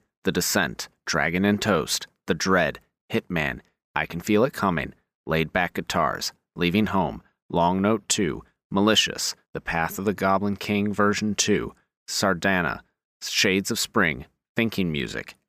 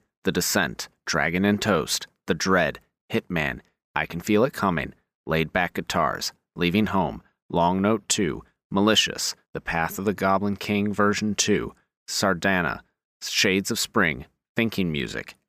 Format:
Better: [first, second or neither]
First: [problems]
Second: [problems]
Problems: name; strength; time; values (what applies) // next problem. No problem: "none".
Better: neither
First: none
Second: none